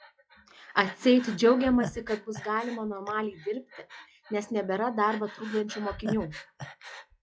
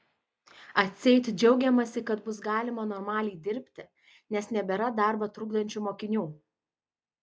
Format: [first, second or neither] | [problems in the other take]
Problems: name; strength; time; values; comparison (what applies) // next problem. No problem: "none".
second | noise reduction (classical method log-MMSE)